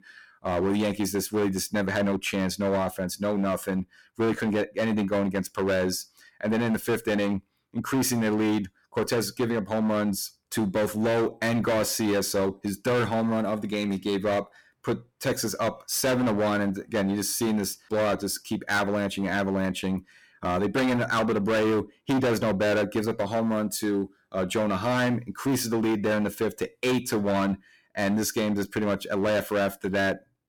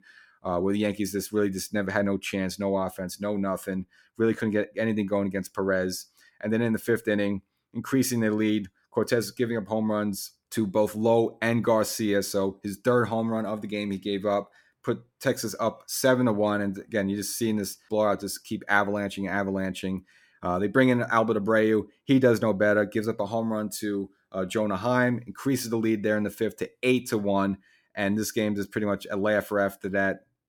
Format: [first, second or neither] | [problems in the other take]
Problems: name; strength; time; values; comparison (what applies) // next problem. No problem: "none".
second | distortion; heavy; 17% of the sound clipped